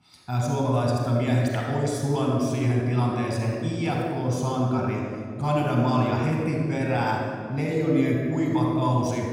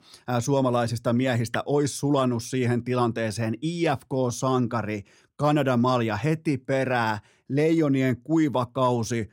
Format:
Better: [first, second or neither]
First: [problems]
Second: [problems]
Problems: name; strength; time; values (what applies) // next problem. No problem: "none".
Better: second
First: off-mic speech; somewhat distant // room echo; noticeable; dies away in 1.9 s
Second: none